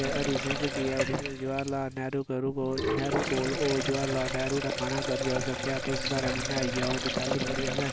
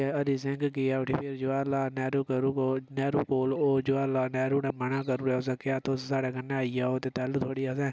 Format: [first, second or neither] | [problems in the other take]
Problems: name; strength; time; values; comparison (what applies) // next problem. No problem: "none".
second | background sound (Sink (filling or washing)); 2 dB below the speech